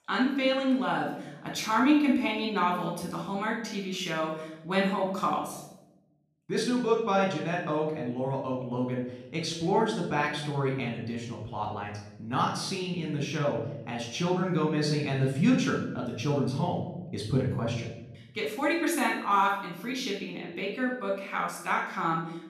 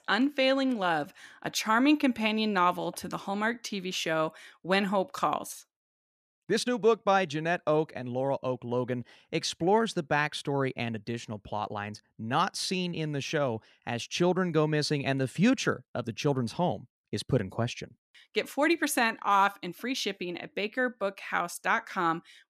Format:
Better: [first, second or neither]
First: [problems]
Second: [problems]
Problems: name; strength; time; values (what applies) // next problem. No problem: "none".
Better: second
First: off-mic speech; somewhat distant // room echo; noticeable; dies away in 0.9 s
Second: none